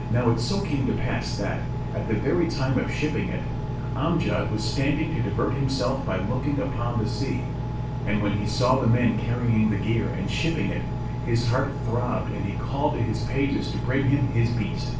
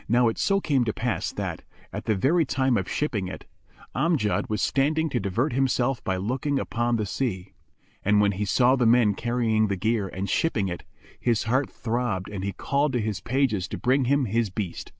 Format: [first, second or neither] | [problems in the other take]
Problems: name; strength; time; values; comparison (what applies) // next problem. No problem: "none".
second | background sound (Engine); 3 dB below the speech // room echo; dies away in 0.4 s